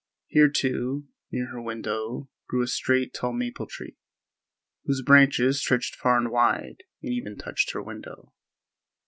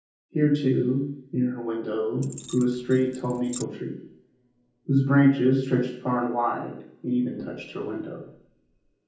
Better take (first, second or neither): first